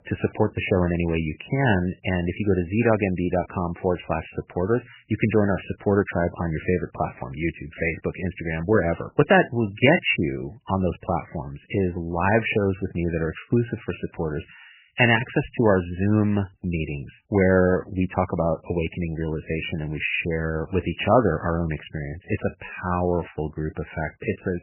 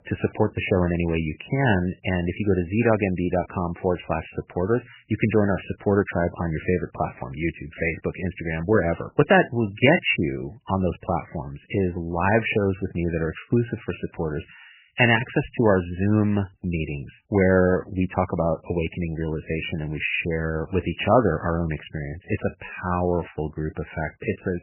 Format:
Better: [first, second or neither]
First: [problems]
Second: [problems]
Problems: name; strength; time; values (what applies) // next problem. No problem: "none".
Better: neither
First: garbled, watery; badly; nothing above 3 kHz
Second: garbled, watery; badly; nothing above 3 kHz